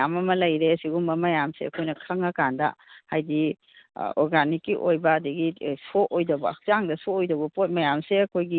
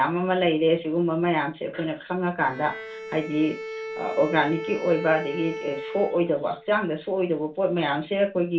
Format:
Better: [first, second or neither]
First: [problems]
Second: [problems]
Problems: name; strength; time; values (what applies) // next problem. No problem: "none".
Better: first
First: none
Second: background sound (Bowed string instrument); 12 dB below the speech // room echo; dies away in 0.3 s